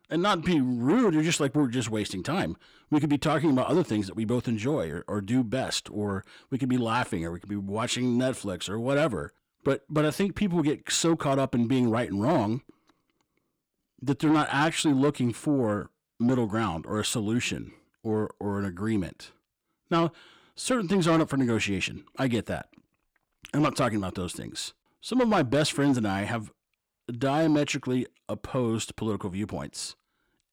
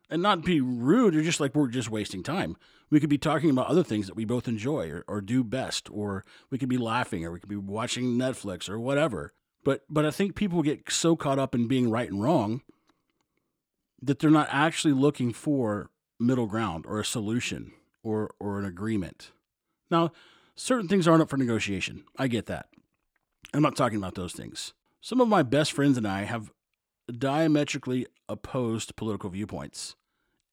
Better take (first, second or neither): second